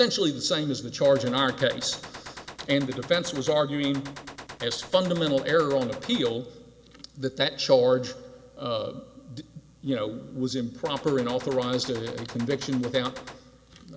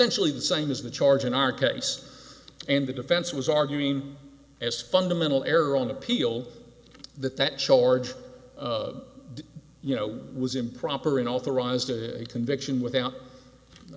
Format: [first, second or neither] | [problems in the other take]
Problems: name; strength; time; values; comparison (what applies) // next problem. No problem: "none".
second | background sound (Gunshot, gunfire); 15 dB below the speech